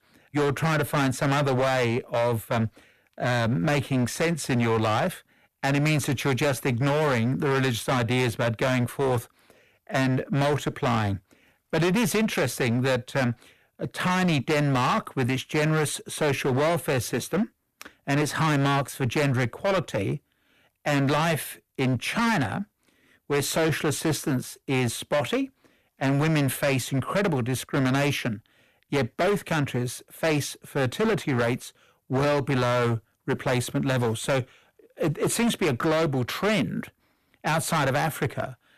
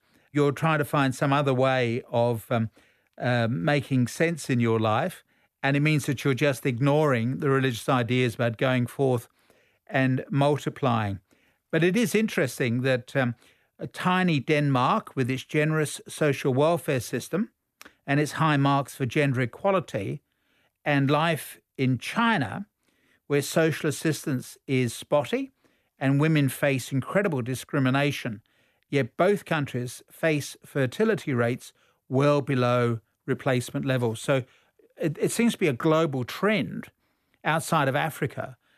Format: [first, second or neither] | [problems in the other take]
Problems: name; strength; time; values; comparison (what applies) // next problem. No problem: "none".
second | distortion; heavy; 18% of the sound clipped